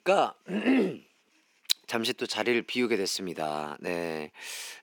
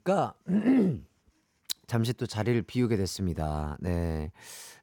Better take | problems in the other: second | thin; somewhat; fading below 300 Hz

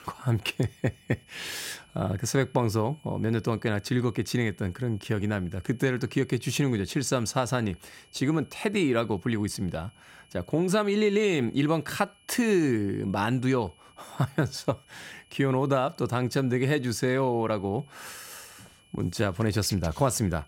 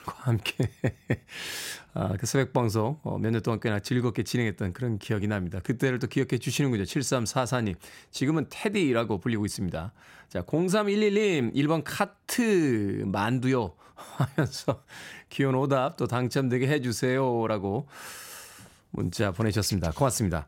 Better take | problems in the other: second | high-pitched whine; faint; throughout; 3 kHz, 30 dB below the speech

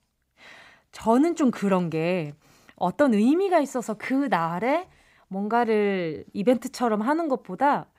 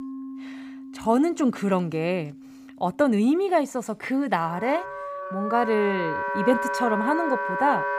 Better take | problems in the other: first | background music; loud; throughout; 5 dB below the speech

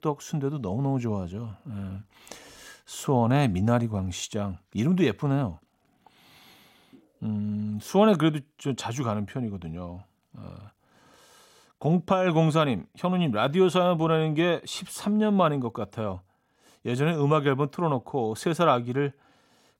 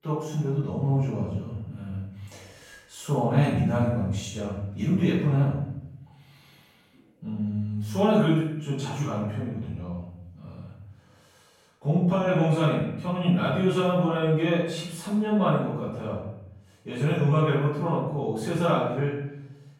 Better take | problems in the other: first | off-mic speech; far // room echo; strong; dies away in 0.8 s

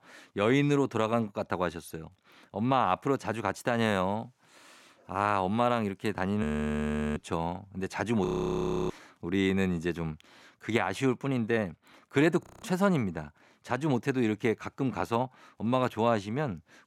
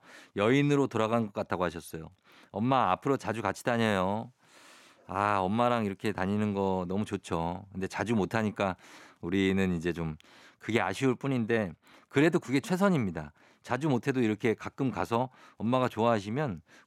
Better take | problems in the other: second | audio freezing; at 6.5 s for 0.5 s, at 8.5 s for 0.5 s and at 12 s

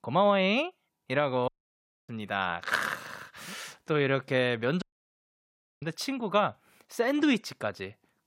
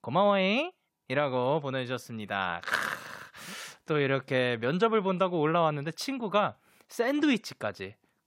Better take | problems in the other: second | audio cutting out; at 1.5 s for 0.5 s and at 5 s for 1 s

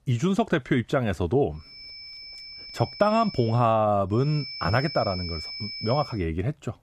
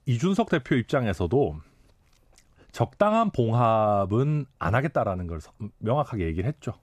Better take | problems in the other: second | high-pitched whine; noticeable; from 1.5 to 3.5 s and from 4.5 to 6 s; 5 kHz, 10 dB below the speech

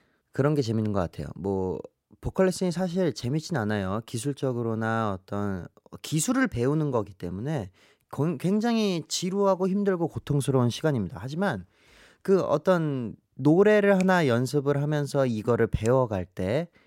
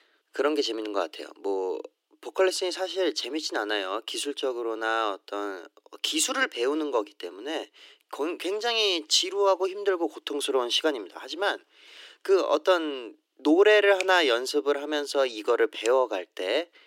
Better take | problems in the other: first | thin; very; fading below 300 Hz

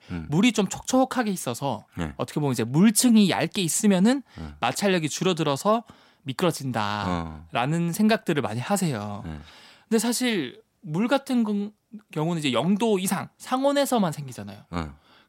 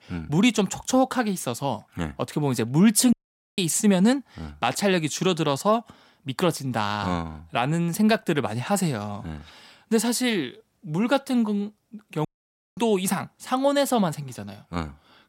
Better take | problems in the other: first | audio cutting out; at 3 s and at 12 s for 0.5 s

